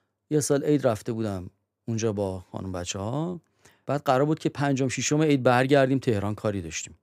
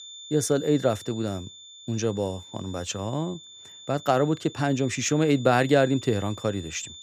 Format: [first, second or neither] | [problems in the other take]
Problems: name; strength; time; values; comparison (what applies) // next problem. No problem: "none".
first | high-pitched whine; noticeable; throughout; 3.5 kHz, 15 dB below the speech